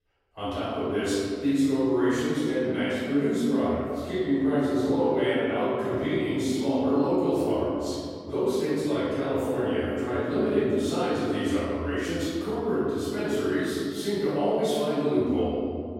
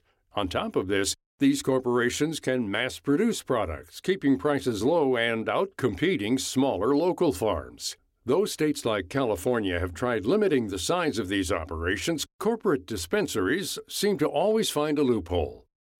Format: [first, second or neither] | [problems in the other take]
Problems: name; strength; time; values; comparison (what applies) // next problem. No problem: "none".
second | off-mic speech; far // room echo; strong; dies away in 2.5 s